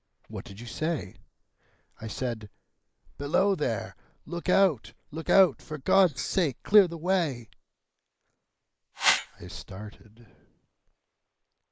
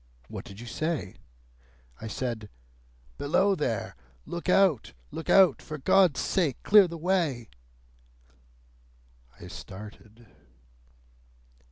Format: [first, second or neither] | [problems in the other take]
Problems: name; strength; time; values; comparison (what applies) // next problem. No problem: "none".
second | noise reduction (neural mask model Resemble Enhance denoiser)